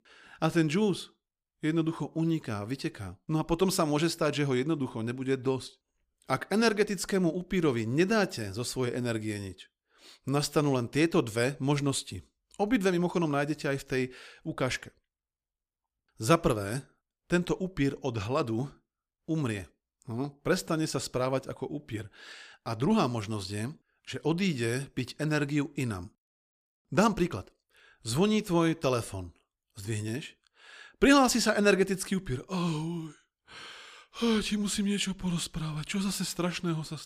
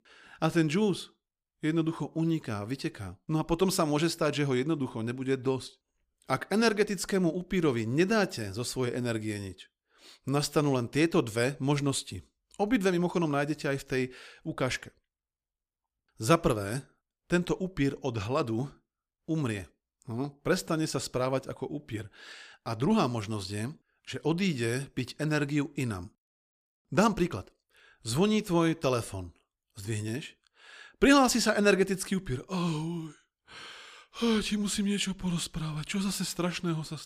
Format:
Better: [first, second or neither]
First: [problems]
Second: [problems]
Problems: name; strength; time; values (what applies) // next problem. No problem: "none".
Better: neither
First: none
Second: none